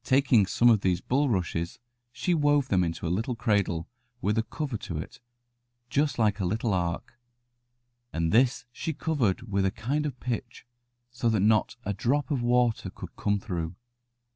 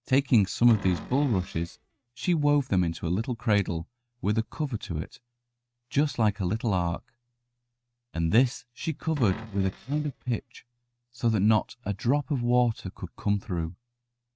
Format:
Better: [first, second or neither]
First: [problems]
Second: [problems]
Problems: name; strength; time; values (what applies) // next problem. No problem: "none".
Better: first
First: none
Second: noise reduction (neural mask model RNNoise)